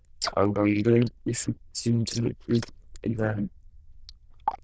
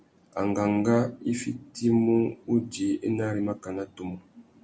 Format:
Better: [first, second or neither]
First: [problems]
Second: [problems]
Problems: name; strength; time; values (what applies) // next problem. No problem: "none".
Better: second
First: noise reduction (neural diffusion model UNIVERSE++)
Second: none